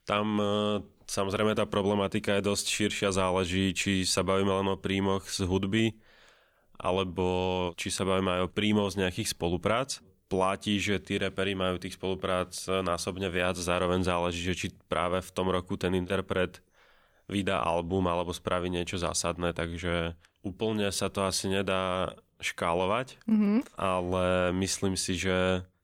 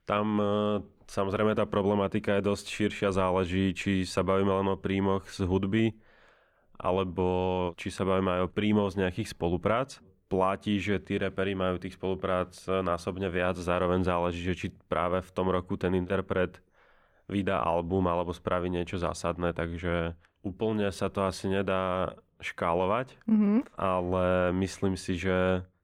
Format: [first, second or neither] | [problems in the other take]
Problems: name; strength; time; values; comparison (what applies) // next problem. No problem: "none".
first | muffled; slightly; fading above 3 kHz